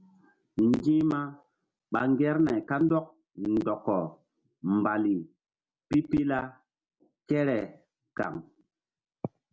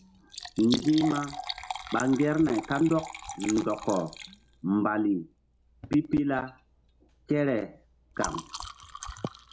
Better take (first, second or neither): first